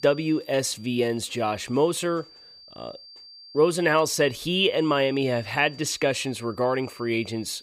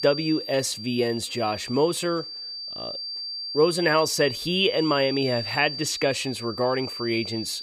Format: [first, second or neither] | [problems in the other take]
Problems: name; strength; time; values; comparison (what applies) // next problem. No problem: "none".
first | high-pitched whine; loud; throughout; 4.5 kHz, 7 dB below the speech; faint in the first